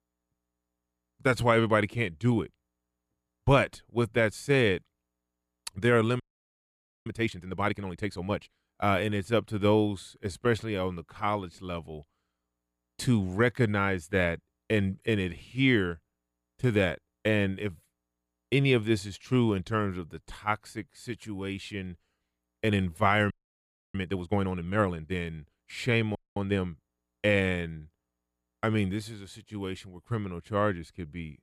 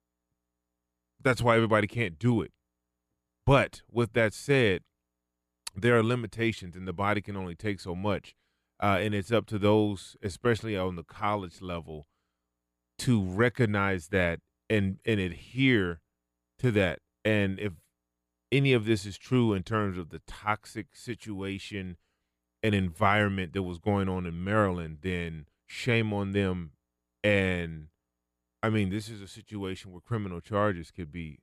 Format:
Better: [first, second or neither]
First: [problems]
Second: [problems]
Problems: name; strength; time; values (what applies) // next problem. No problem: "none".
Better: second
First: audio freezing; at 6 s for 1 s, at 23 s for 0.5 s and at 26 s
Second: none